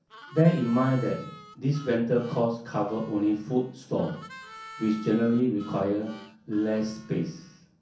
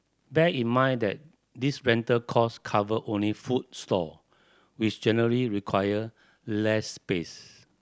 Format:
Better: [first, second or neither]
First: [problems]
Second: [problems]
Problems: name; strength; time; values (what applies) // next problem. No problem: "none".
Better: second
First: background sound (Harmonica); 20 dB below the speech // room echo; dies away in 0.6 s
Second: none